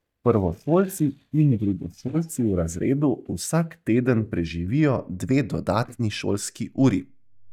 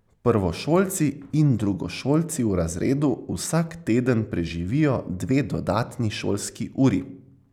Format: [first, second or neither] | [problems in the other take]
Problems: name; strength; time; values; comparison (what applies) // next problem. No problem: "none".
second | noise reduction (neural mask model DeepFilterNet 3)